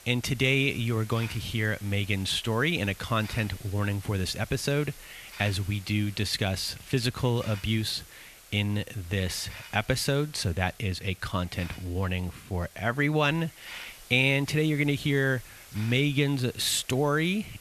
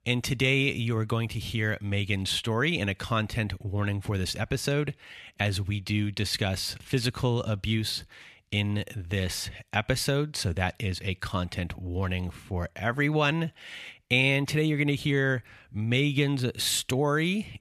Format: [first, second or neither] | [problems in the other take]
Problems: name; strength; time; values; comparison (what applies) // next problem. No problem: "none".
second | hiss; noticeable; throughout; 20 dB below the speech